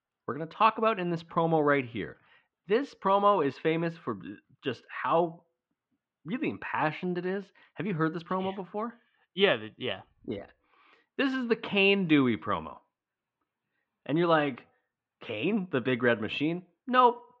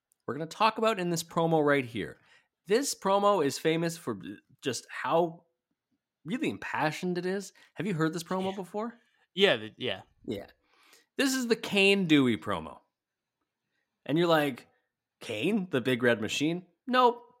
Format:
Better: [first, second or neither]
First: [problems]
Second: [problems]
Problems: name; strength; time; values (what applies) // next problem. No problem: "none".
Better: second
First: muffled; very; fading above 3 kHz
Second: none